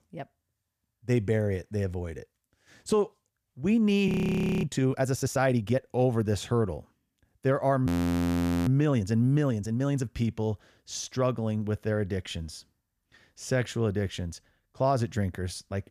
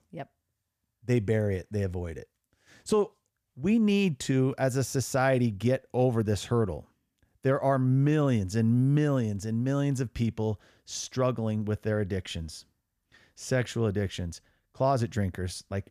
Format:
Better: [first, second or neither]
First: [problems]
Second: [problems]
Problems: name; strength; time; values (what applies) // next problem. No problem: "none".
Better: second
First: audio freezing; at 4 s for 0.5 s and at 8 s for 1 s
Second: none